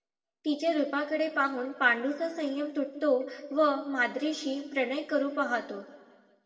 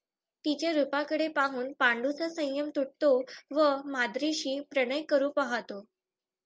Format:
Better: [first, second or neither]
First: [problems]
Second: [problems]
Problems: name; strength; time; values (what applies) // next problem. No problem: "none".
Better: second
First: room echo; dies away in 1.4 s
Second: none